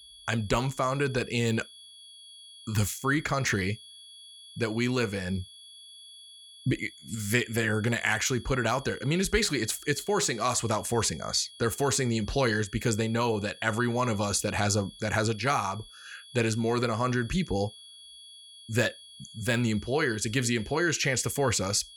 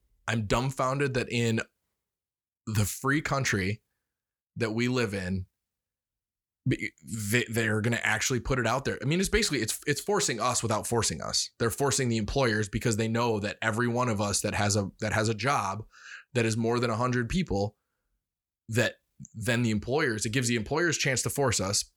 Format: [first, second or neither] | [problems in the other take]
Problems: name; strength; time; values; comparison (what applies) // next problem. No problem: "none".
second | high-pitched whine; noticeable; throughout; 3.5 kHz, 20 dB below the speech